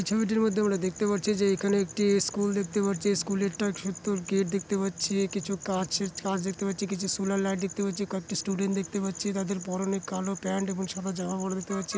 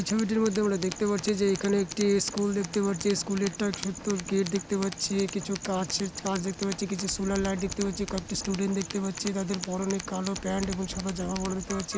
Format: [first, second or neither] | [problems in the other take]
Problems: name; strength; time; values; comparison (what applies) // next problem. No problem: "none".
first | background sound (Tools + Wind); 12 dB below the speech